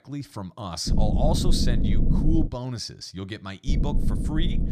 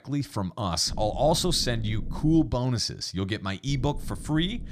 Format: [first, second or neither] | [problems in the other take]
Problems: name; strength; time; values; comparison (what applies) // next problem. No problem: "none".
second | low rumble; loud; from 1 to 2.5 s and from 3.5 s on; 3 dB below the speech; faint in the second